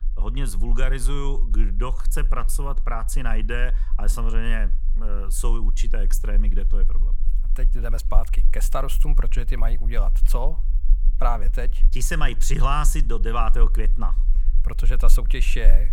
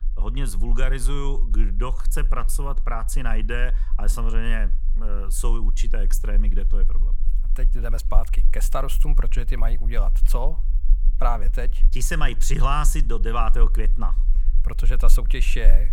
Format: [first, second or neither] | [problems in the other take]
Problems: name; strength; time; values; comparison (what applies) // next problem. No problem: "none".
neither | low rumble; faint; throughout; 20 dB below the speech; the same in both